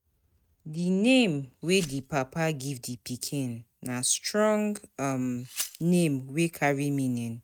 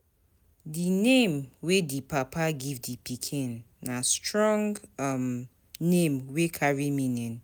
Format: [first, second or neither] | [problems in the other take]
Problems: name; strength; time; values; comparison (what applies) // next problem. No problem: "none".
second | noise reduction (neural mask model RNNoise)